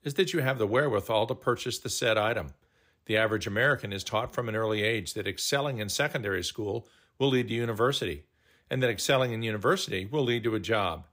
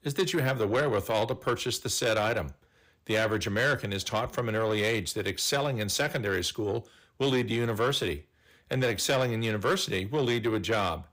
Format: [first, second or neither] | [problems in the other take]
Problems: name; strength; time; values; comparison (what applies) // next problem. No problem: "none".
first | distortion; slight; 10 dB below the speech